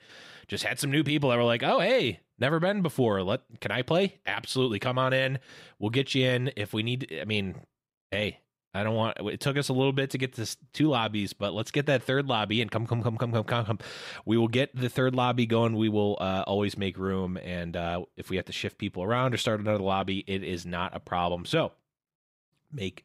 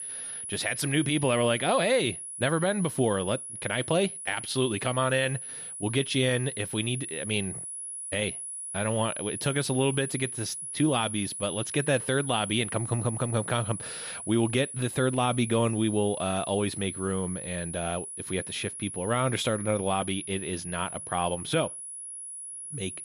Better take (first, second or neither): first